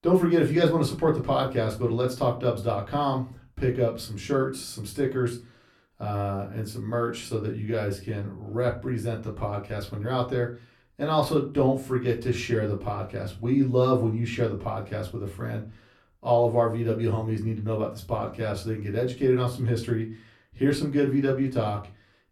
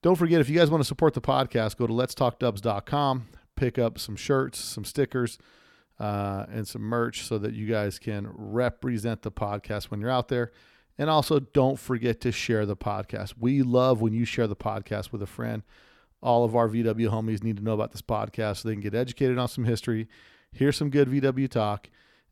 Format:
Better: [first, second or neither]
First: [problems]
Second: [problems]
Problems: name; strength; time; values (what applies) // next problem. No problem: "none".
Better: second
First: off-mic speech; far // room echo; very slight; dies away in 0.3 s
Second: none